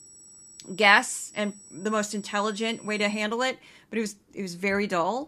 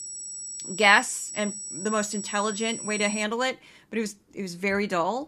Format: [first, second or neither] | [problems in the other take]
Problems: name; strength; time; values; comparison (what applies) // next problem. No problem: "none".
first | high-pitched whine; loud; until 3 s; 8 kHz, 8 dB below the speech; faint in the first